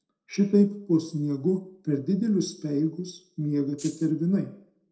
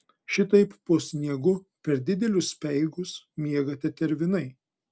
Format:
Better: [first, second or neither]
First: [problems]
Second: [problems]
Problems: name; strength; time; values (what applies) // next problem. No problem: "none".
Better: second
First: noise reduction (neural separator model SepFormer DNS4)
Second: none